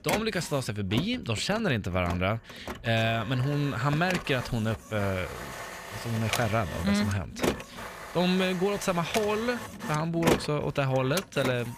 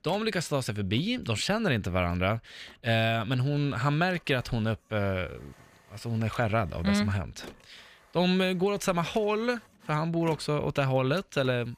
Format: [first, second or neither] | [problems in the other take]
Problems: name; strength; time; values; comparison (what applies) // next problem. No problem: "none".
second | household noises; loud; throughout; 7 dB below the speech; faint in the second